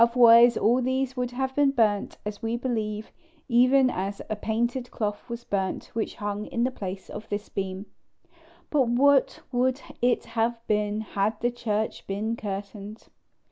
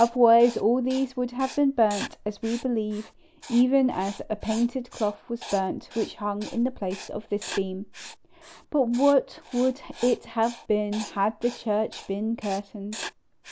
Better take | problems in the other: first | background sound (Writing); 17 dB below the speech

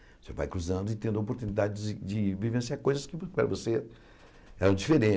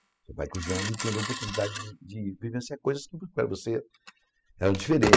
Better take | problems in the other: first | noise reduction (classical method spectral subtraction)

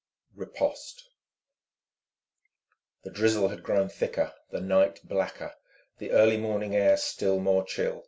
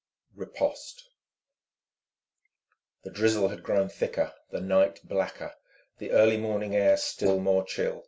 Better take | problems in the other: first | noise reduction (neural mask model Resemble Enhance denoiser)

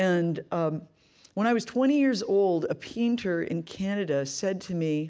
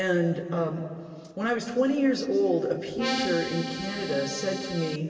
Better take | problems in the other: first | background sound (Accordion); 6 dB below the speech // room echo; dies away in 2.4 s

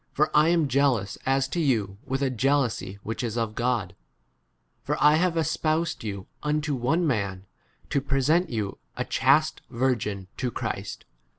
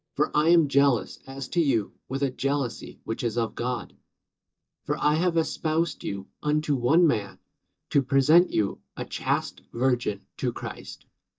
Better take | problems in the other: first | noise reduction (neural mask model DeepFilterNet 3)

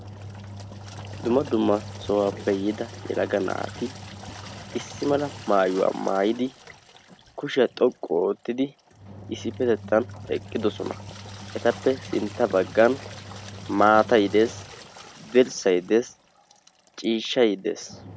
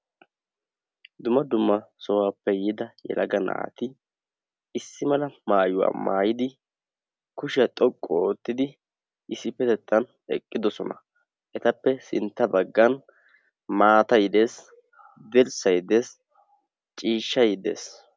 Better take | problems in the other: second | background sound (Engine); 15 dB below the speech

